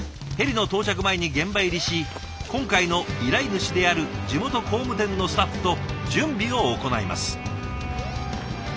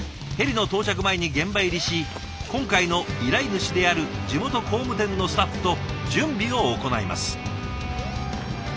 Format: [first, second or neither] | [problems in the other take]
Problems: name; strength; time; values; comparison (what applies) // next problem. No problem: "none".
first | background sound (Guitar); 17 dB below the speech